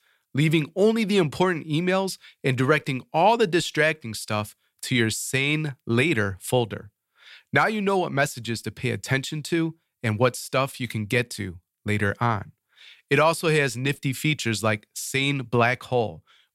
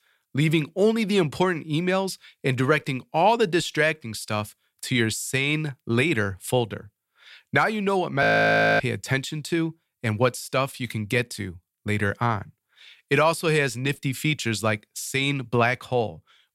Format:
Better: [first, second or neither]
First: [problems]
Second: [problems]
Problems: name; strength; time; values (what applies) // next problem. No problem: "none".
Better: first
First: none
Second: audio freezing; at 8 s for 0.5 s